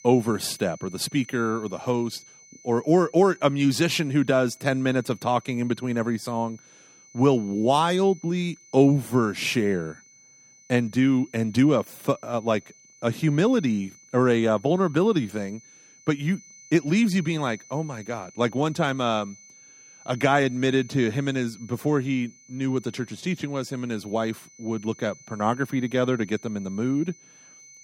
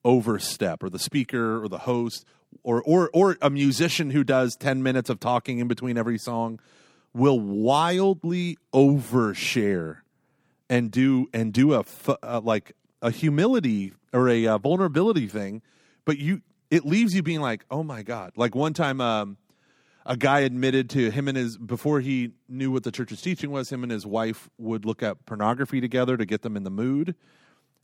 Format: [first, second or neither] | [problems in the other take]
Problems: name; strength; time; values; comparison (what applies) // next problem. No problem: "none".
second | high-pitched whine; faint; throughout; 6 kHz, 25 dB below the speech